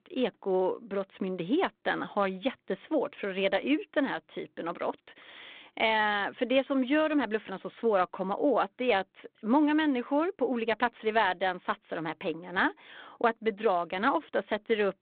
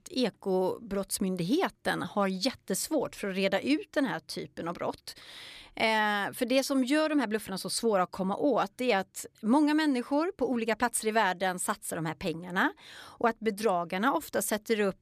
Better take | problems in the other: second | phone-call audio

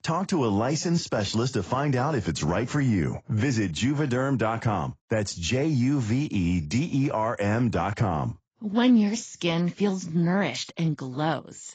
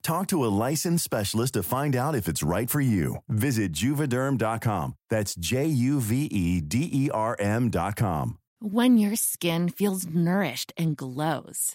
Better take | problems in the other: second | garbled, watery; badly; nothing above 7.5 kHz

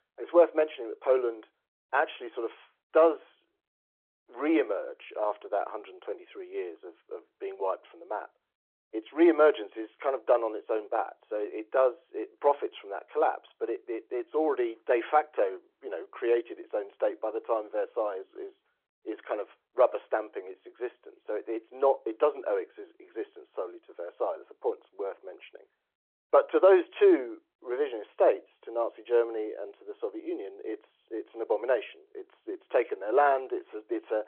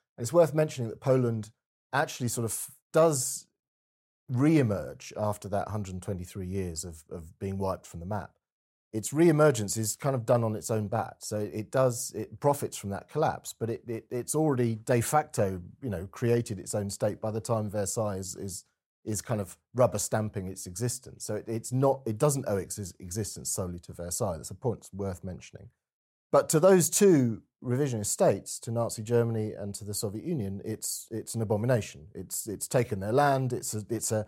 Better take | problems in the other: second | phone-call audio

